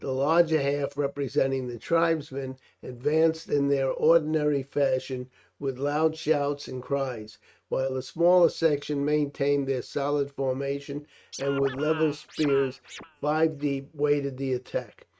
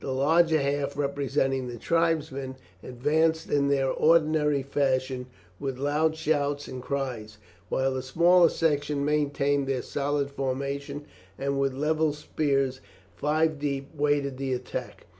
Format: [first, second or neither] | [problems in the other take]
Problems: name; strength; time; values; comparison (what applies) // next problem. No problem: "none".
second | noise reduction (neural mask model RNNoise)